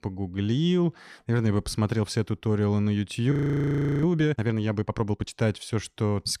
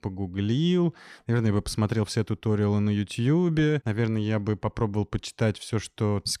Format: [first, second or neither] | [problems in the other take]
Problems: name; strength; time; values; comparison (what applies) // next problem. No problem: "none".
second | audio freezing; at 3.5 s for 0.5 s